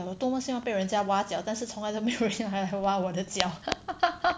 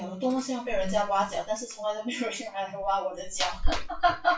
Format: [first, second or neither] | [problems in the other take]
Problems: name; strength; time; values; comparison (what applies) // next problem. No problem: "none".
first | noise reduction (classical method WPE with log-MMSE)